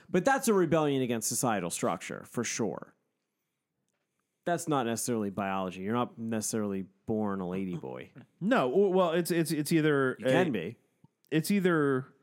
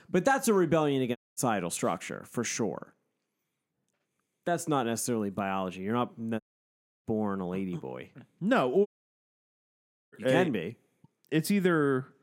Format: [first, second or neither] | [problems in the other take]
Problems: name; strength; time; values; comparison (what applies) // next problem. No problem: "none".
first | audio cutting out; at 1 s, at 6.5 s for 0.5 s and at 9 s for 1.5 s